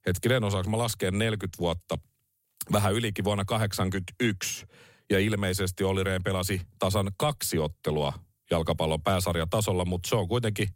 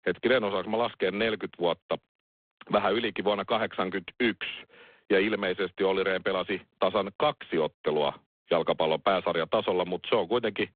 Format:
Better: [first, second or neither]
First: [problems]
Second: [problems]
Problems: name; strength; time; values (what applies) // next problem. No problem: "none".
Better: first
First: none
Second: phone-call audio; poor line